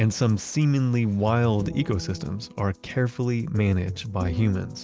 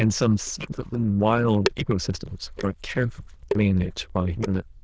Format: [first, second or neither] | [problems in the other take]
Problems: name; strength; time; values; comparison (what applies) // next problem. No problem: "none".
first | noise reduction (neural diffusion model UNIVERSE++)